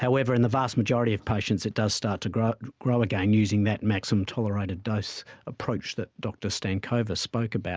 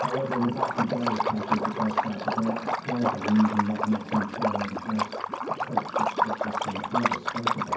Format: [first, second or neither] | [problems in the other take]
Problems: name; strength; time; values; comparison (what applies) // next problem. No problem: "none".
first | background sound (Liquid); 1 dB above the speech // room echo; dies away in 0.6 s